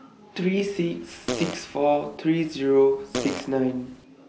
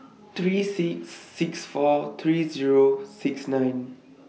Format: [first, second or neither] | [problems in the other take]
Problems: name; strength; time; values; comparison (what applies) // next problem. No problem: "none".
second | background sound (Fart); 11 dB below the speech